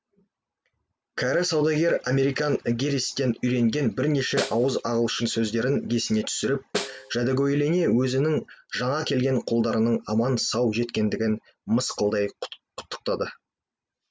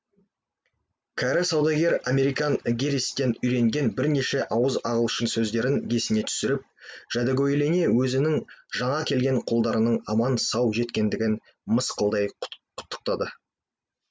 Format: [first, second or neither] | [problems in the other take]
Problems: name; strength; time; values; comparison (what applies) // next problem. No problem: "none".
second | background sound (Snare drum); 11 dB below the speech